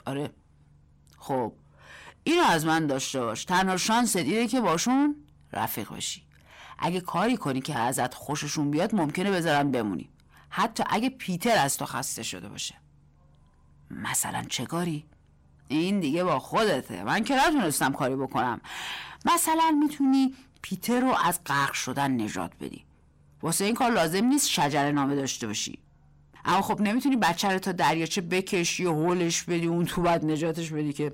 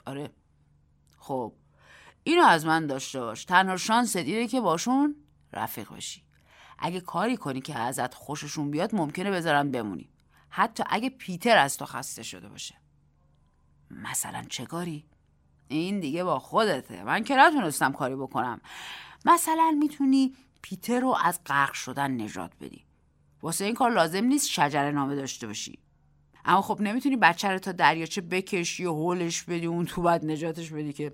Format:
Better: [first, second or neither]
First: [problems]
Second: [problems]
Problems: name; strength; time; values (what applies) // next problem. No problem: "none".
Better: second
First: distortion; heavy; 7 dB below the speech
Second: none